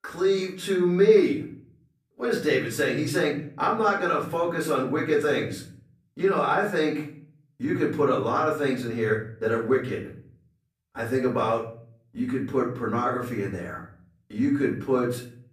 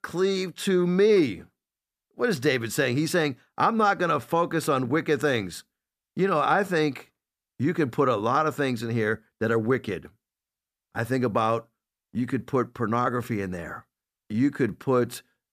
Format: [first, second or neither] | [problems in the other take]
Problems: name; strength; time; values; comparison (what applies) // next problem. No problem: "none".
second | off-mic speech; far // room echo; slight; dies away in 0.5 s